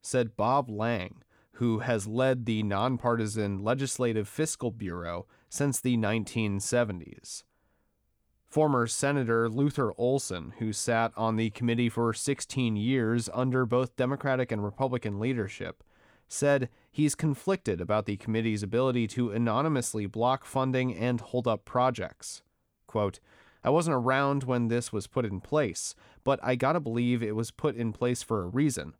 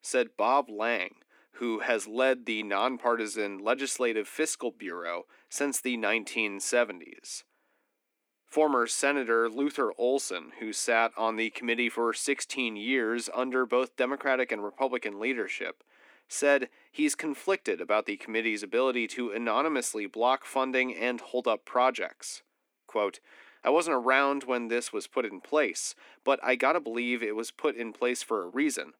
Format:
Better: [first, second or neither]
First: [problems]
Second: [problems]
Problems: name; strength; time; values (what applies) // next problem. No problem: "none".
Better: first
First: none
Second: thin; somewhat; fading below 250 Hz